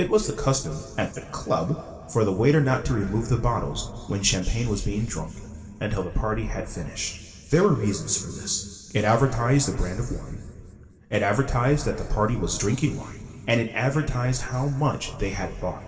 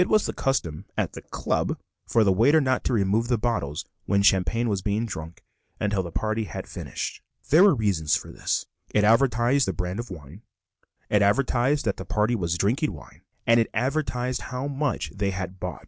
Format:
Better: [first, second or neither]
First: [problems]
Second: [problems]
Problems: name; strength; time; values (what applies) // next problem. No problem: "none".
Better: second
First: room echo; dies away in 2.4 s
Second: none